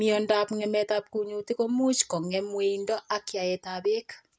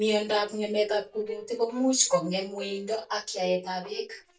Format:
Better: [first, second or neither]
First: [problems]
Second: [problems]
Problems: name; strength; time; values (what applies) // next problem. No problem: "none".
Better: first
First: none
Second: noise reduction (neural mask model DeepFilterNet 3)